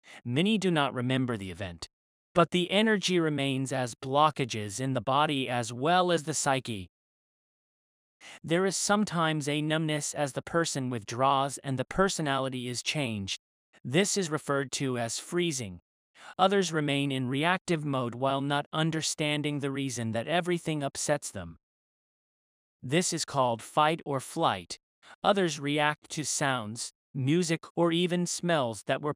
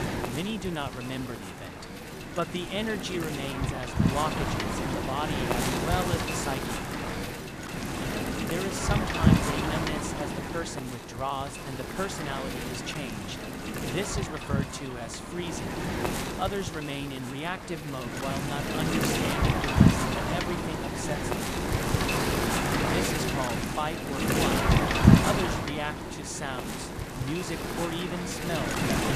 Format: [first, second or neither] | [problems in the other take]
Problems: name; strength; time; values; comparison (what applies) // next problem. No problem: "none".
first | wind noise on the microphone; heavy; 4 dB above the speech